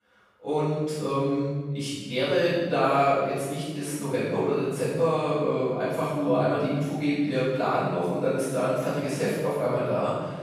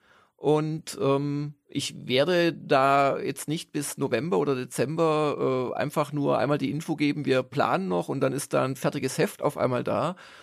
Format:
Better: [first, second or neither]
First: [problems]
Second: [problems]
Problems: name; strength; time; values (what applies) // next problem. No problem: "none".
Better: second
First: off-mic speech; far // room echo; strong; dies away in 1.2 s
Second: none